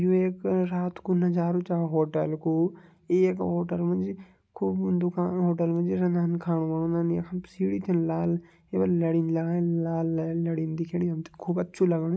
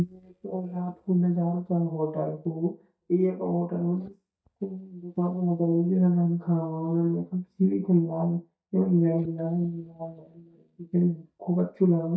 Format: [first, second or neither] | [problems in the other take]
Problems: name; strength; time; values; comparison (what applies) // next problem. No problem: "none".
first | noise reduction (neural mask model DeepFilterNet 3)